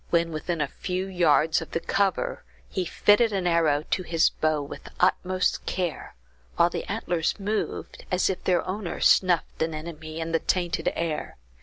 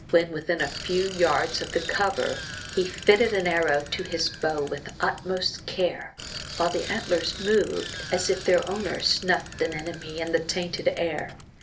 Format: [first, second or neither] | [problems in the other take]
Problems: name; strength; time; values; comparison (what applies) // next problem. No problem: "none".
first | background sound (Bicycle); 12 dB below the speech // room echo; dies away in 0.3 s